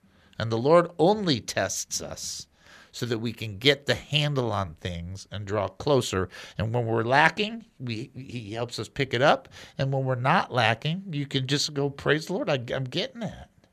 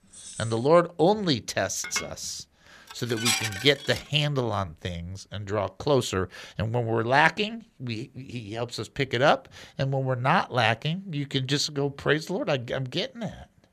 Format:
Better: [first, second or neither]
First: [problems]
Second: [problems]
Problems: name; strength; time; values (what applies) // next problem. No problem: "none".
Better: first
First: none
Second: jangling keys; faint; at the start; peak 15 dB below the speech // clattering dishes; loud; from 2 to 4 s; peak 2 dB above the speech